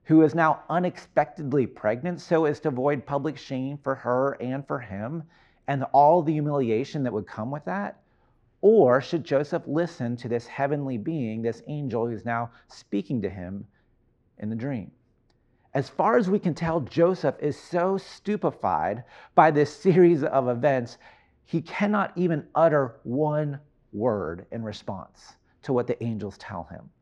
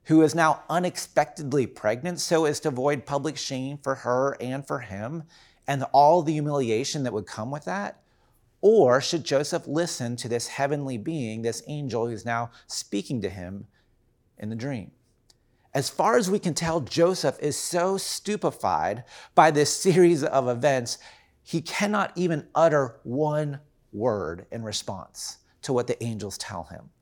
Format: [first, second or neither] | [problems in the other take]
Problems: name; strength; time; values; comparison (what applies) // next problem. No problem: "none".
second | muffled; very; fading above 2.5 kHz